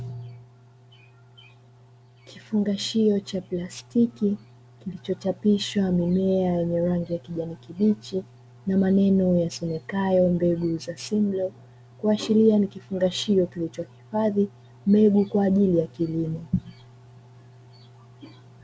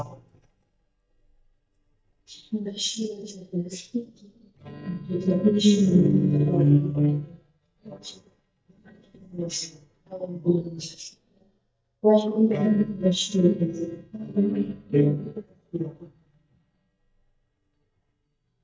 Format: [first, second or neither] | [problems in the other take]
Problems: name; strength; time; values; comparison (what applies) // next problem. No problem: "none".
first | noise reduction (neural mask model DeepFilterNet 3)